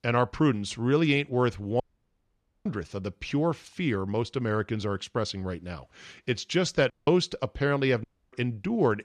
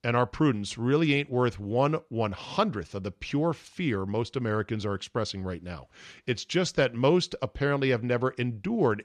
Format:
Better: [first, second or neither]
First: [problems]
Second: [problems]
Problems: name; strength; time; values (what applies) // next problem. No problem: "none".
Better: second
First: audio cutting out; at 2 s for 1 s, at 7 s and at 8 s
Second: none